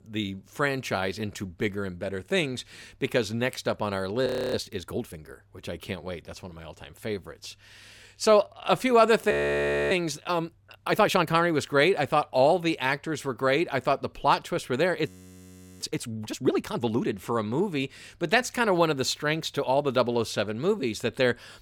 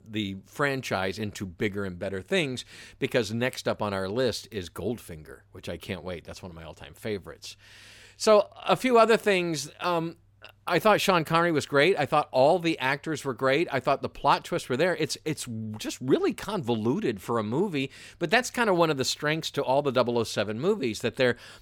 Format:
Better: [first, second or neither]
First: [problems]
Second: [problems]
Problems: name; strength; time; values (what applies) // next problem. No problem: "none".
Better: second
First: audio freezing; at 4.5 s, at 9.5 s for 0.5 s and at 15 s for 0.5 s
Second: none